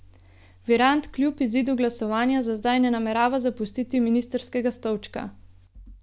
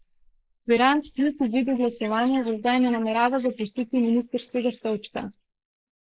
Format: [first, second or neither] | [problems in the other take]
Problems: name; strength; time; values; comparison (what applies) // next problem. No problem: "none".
first | noise reduction (neural mask model Resemble Enhance denoiser)